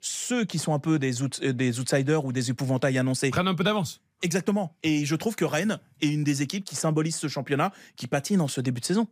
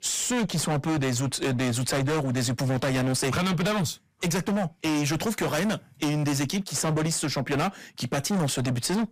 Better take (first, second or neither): first